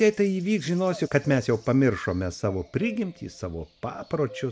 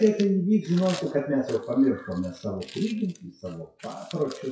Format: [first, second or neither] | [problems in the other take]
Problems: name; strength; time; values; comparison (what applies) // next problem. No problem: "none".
first | noise reduction (classical method WPE with log-MMSE)